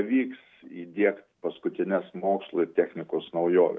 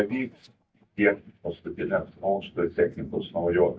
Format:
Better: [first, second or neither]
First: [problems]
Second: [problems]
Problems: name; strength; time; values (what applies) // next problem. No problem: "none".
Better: first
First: none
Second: noise reduction (neural mask model DeepFilterNet 3)